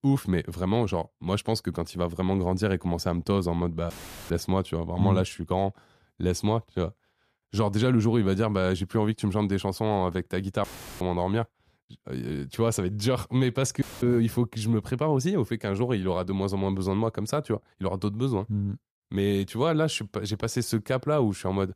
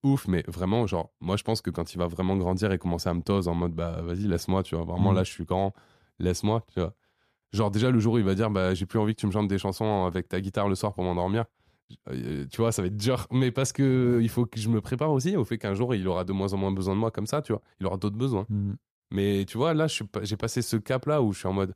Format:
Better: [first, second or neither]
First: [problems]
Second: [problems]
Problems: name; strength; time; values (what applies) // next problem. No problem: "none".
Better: second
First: audio cutting out; filled with static; at 4 s, at 11 s and at 14 s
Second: none